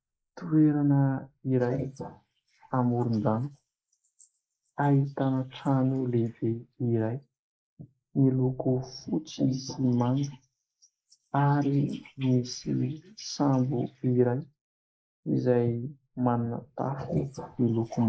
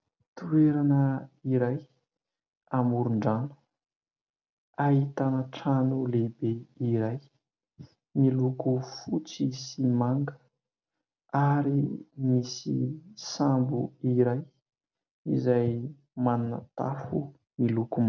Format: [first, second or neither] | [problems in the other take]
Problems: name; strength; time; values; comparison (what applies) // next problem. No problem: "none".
second | noise reduction (neural mask model Resemble Enhance denoiser)